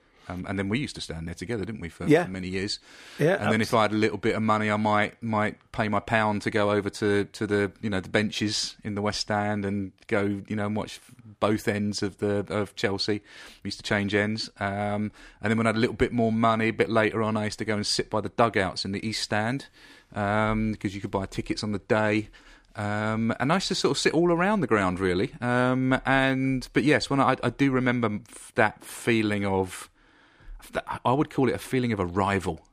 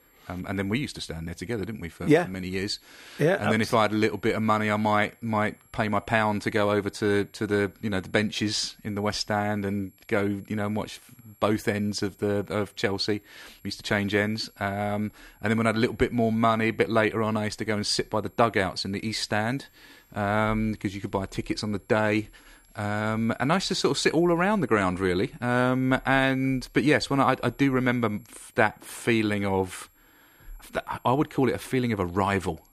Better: first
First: none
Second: high-pitched whine; faint; throughout; 11.5 kHz, 35 dB below the speech

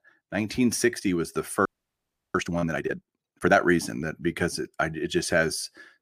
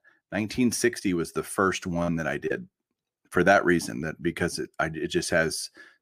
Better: second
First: audio freezing; at 1.5 s for 0.5 s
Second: none

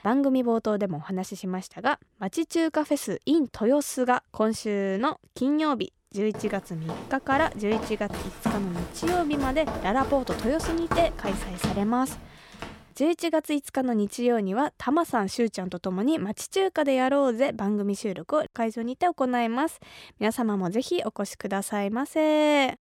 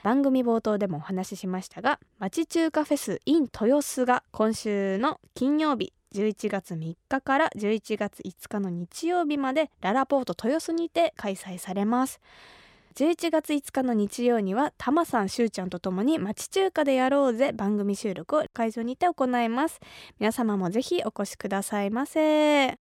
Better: second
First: footsteps; noticeable; from 6.5 to 13 s; peak 4 dB below the speech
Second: none

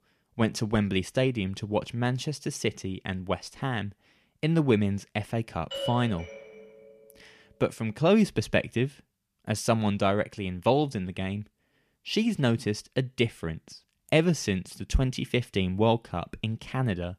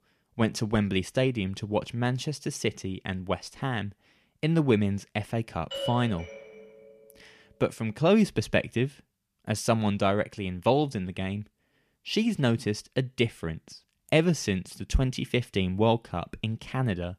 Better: neither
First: doorbell; noticeable; at 5.5 s; peak 6 dB below the speech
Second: doorbell; noticeable; at 5.5 s; peak 6 dB below the speech

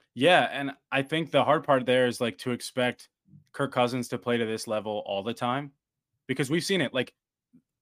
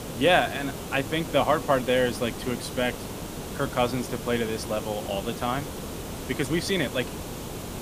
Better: first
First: none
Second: hiss; loud; throughout; 9 dB below the speech

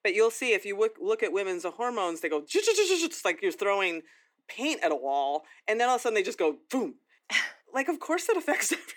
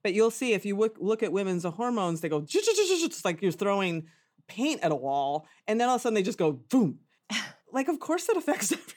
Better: second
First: thin; somewhat; fading below 300 Hz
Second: none

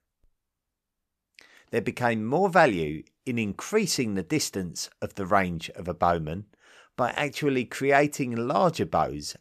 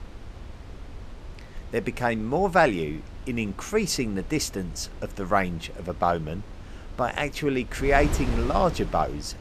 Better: first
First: none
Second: wind noise on the microphone; occasional gusts; 20 dB below the speech

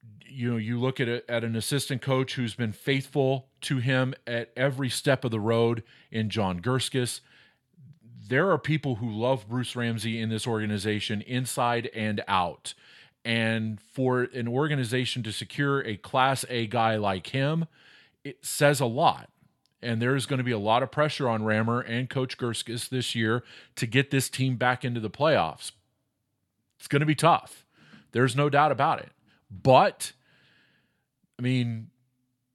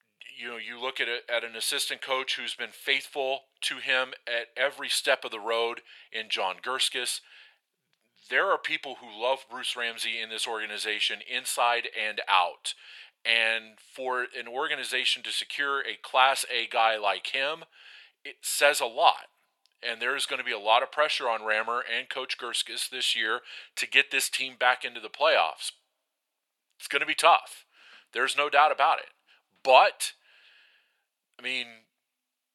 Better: first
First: none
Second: thin; very; fading below 600 Hz

